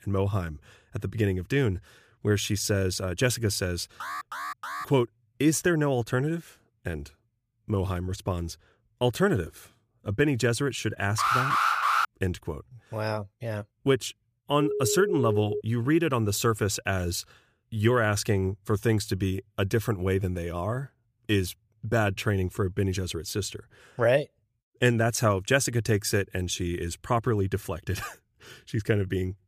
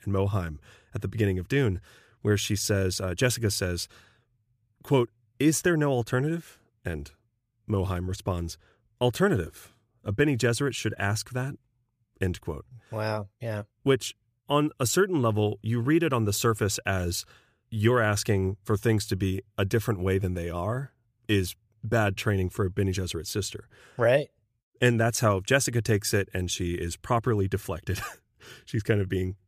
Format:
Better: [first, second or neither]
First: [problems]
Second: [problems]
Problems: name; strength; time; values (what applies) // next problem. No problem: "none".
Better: second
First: alarm; noticeable; at 4 s; peak 7 dB below the speech // alarm; loud; at 11 s; peak 4 dB above the speech // phone ringing; noticeable; from 15 to 16 s; peak 2 dB below the speech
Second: none